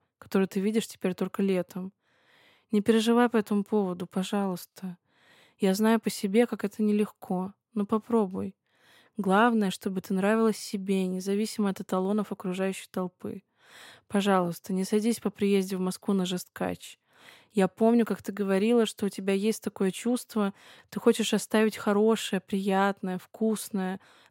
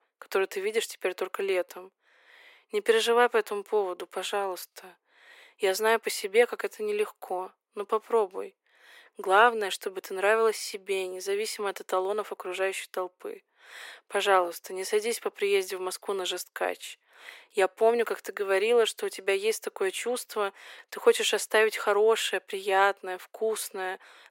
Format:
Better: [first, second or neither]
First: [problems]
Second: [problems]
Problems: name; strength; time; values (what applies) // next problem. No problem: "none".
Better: first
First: none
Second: thin; very; fading below 350 Hz